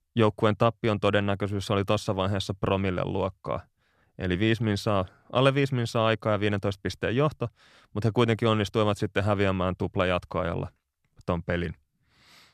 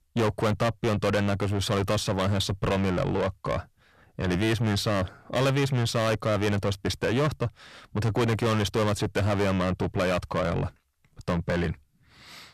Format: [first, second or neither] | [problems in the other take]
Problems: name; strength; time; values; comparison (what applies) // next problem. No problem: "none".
first | distortion; heavy; 5 dB below the speech